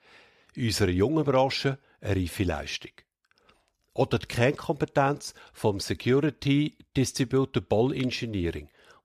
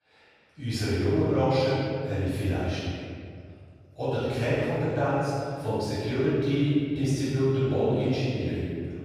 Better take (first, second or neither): first